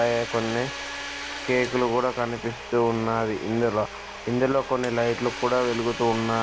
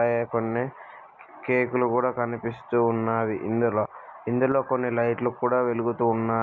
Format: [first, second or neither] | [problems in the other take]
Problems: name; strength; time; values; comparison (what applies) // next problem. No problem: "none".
second | background sound (Domestic sounds, home sounds); 11 dB below the speech